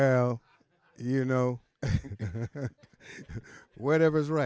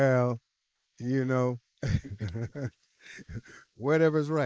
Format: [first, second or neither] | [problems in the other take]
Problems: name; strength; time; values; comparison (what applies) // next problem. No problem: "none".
first | noise reduction (neural mask model Resemble Enhance denoiser)